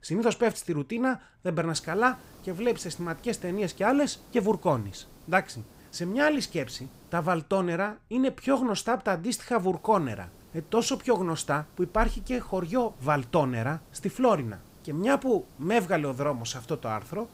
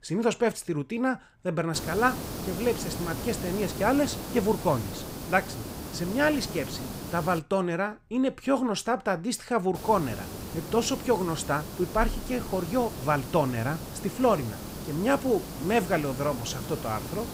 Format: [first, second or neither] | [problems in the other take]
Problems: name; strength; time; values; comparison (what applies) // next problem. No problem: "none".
first | hiss; loud; from 1.5 to 7.5 s and from 10 s on; 9 dB below the speech; faint in the first